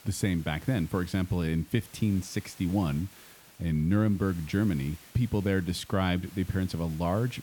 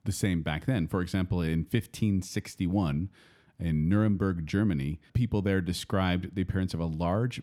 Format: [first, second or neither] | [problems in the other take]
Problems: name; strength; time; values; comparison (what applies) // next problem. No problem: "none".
second | hiss; faint; throughout; 20 dB below the speech